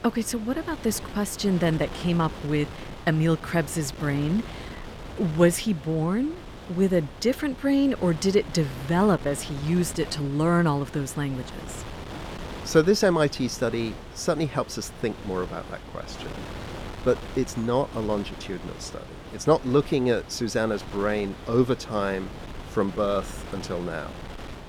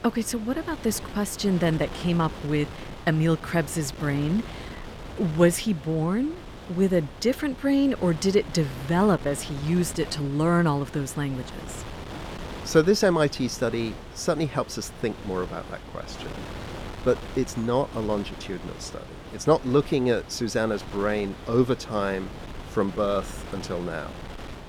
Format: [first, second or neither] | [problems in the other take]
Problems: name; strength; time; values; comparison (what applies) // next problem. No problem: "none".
neither | wind noise on the microphone; occasional gusts; 15 dB below the speech; the same in both